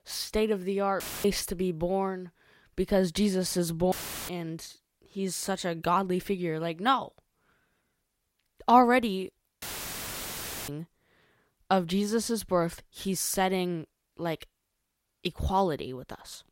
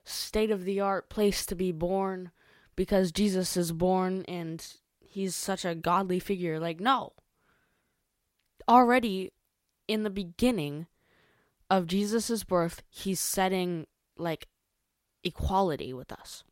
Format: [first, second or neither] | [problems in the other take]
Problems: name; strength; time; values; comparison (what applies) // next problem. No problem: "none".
second | audio cutting out; filled with static; at 1 s, at 4 s and at 9.5 s for 1 s